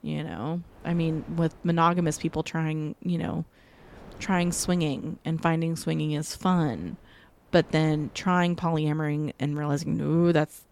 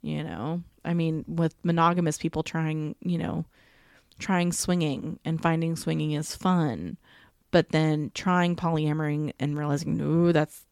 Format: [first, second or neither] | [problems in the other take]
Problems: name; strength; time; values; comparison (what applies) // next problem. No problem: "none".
second | wind noise on the microphone; occasional gusts; 25 dB below the speech